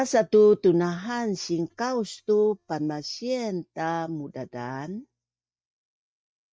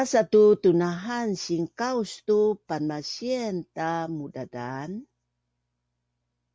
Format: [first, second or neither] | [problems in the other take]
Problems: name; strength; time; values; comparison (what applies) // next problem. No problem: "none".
second | noise reduction (neural mask model DeepFilterNet 3)